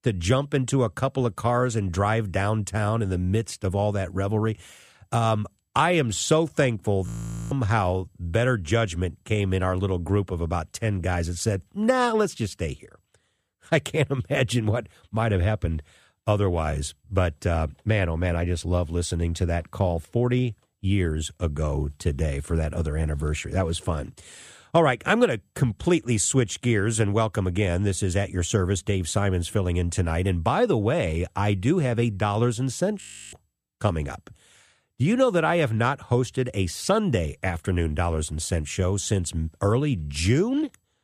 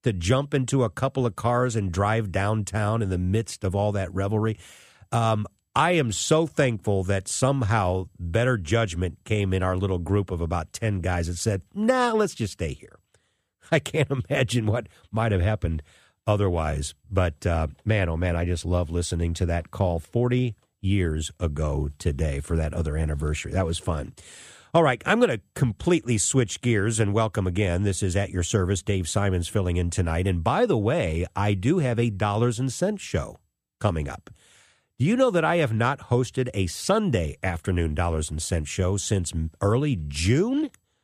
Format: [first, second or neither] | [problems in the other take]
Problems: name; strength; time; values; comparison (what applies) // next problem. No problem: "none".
second | audio freezing; at 7 s and at 33 s